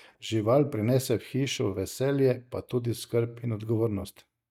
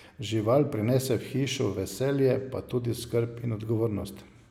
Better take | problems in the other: second | noise reduction (neural mask model DeepFilterNet 3)

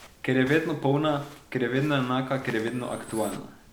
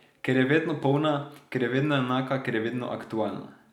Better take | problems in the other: second | background sound (Walk, footsteps + Cutlery, silverware); 20 dB below the speech

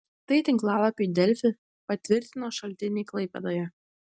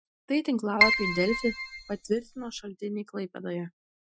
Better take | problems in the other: first | noise reduction (classical method Wiener filter)

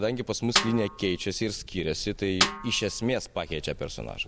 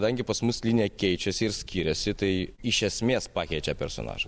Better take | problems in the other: second | background sound (Snare drum); 3 dB below the speech

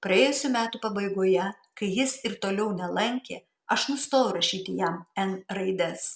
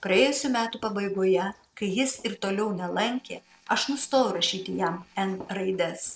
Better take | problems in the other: first | noise reduction (neural separator model SepFormer DNS4)

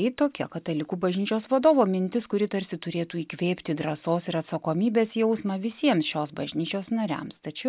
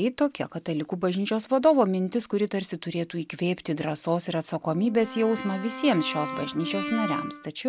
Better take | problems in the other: first | background sound (Brass instrument); 8 dB below the speech

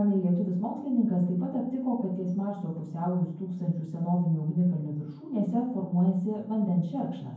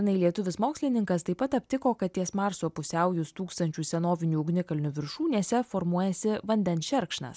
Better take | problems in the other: second | room echo; dies away in 0.9 s

